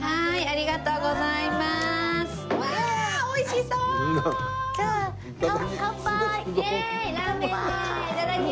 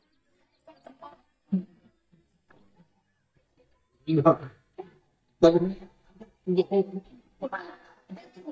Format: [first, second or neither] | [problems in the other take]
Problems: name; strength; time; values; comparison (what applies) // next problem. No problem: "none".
first | noise reduction (neural mask model DeepFilterNet 3)